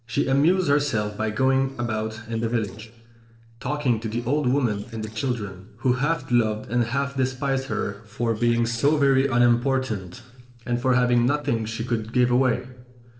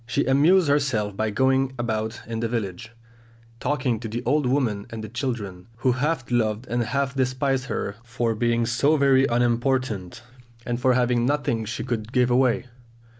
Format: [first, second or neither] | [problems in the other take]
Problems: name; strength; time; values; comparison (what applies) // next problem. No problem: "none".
second | noise reduction (neural separator model SepFormer DNS4)